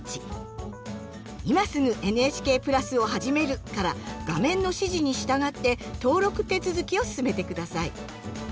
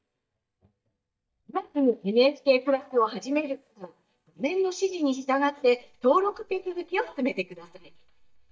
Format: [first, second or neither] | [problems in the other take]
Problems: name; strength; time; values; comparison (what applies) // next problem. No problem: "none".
first | noise reduction (neural mask model DeepFilterNet 3)